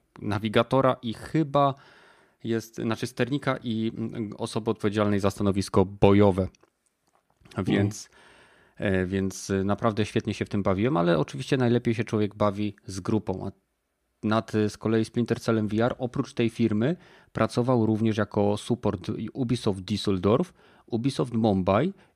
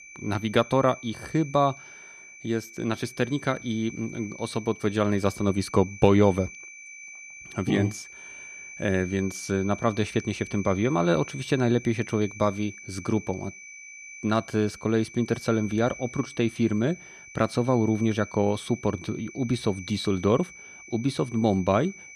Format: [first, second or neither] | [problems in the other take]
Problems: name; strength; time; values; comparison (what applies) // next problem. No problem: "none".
first | high-pitched whine; noticeable; throughout; 2.5 kHz, 15 dB below the speech